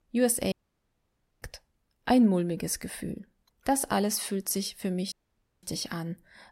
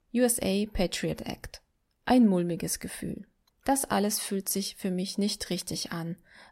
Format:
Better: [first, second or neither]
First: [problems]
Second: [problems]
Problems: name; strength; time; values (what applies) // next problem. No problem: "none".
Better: second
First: audio cutting out; at 0.5 s for 1 s and at 5 s for 0.5 s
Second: none